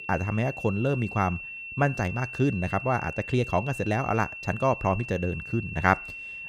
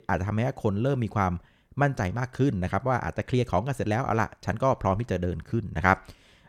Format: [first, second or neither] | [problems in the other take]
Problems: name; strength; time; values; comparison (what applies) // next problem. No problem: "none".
second | high-pitched whine; loud; throughout; 2.5 kHz, 9 dB below the speech